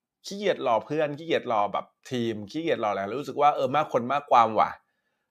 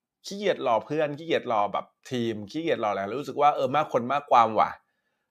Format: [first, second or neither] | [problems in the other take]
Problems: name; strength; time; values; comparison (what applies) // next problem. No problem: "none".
neither | none